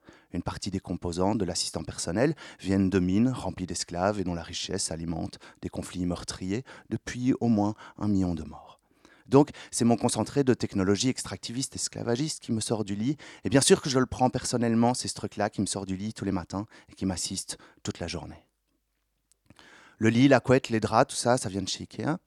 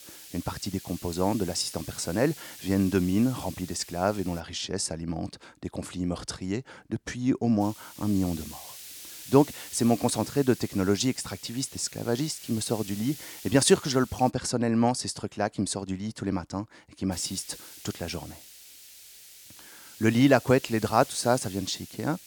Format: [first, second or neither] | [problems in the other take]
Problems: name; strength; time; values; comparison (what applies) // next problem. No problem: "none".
first | hiss; noticeable; until 4.5 s, from 7.5 to 14 s and from 17 s on; 15 dB below the speech